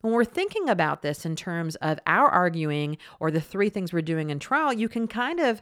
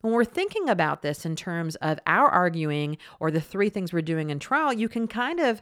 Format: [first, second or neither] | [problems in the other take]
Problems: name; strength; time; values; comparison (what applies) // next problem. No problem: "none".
neither | none